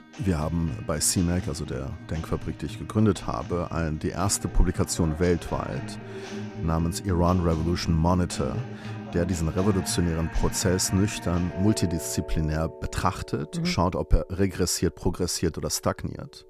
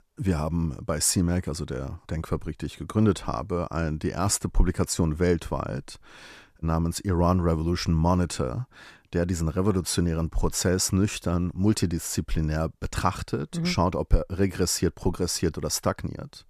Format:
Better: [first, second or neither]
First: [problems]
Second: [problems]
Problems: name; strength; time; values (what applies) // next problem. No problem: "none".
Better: second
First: background music; noticeable; throughout; 10 dB below the speech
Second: none